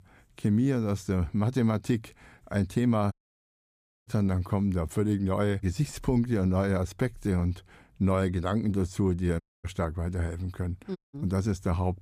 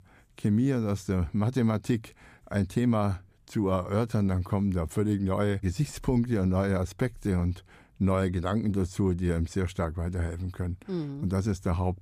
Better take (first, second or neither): second